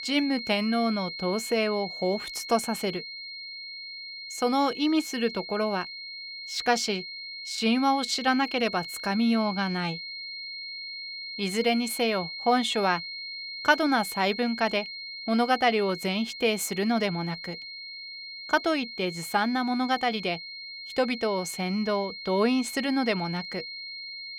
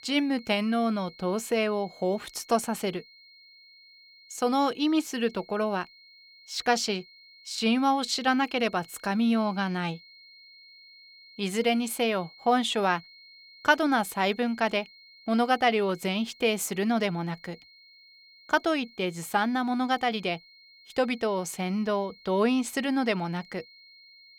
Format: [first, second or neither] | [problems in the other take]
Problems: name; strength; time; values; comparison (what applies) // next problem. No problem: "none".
second | high-pitched whine; loud; throughout; 4 kHz, 9 dB below the speech; faint in the second